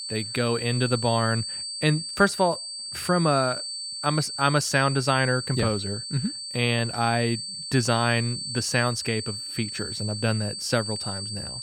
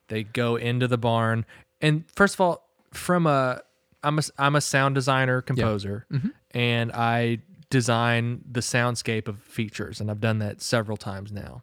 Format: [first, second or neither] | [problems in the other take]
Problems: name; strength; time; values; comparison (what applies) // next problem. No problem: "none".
second | high-pitched whine; loud; throughout; 4.5 kHz, 6 dB below the speech